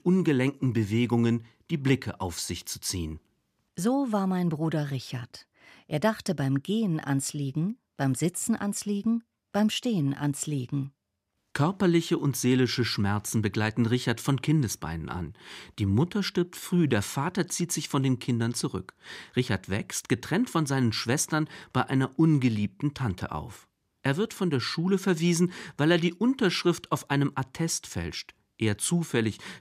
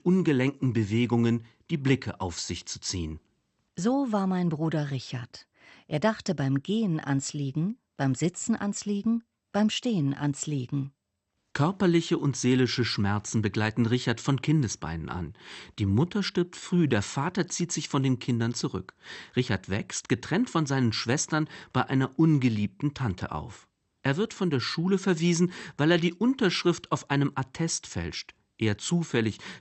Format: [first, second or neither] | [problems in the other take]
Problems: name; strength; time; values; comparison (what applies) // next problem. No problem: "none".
first | garbled, watery; slightly; nothing above 8 kHz